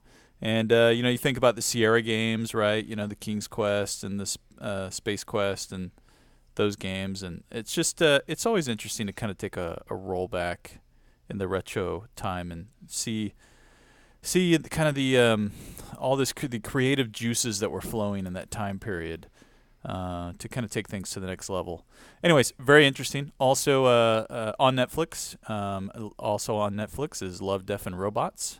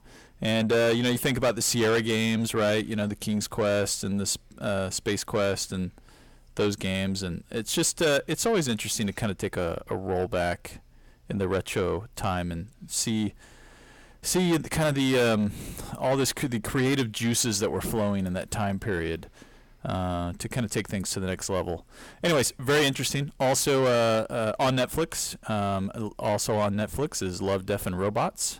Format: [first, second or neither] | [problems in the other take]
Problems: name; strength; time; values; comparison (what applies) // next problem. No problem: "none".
first | distortion; heavy; 7 dB below the speech